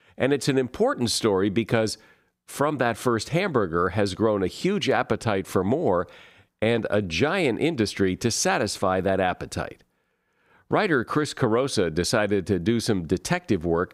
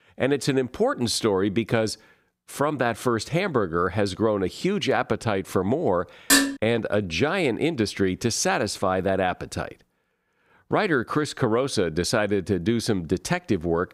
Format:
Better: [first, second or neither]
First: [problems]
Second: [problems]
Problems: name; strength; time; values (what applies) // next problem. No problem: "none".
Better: first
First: none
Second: clattering dishes; loud; at 6.5 s; peak 6 dB above the speech